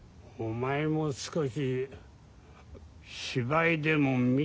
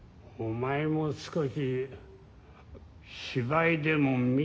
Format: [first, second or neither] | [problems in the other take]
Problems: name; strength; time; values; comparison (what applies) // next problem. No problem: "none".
first | room echo; dies away in 1.3 s